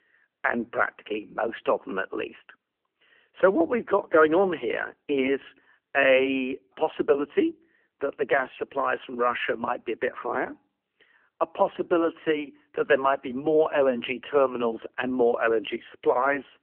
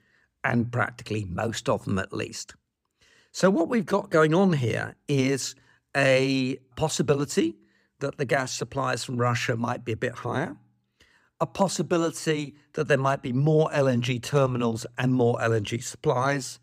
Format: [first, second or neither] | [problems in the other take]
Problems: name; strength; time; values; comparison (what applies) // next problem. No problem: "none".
second | phone-call audio; nothing above 3 kHz